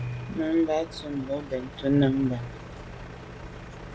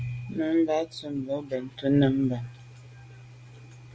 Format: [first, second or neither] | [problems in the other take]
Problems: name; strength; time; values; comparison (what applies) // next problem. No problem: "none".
second | background sound (Truck); 14 dB below the speech